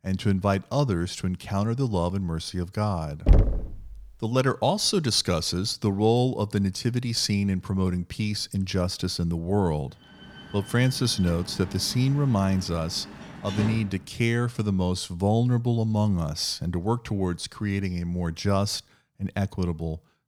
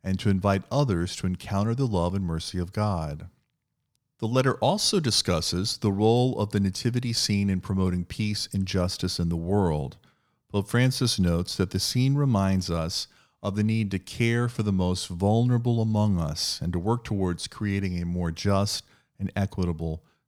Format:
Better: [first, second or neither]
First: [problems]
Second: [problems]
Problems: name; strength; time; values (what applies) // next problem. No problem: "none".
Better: second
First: door banging; loud; at 3.5 s; peak 4 dB above the speech // door banging; noticeable; from 10 to 14 s; peak 7 dB below the speech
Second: none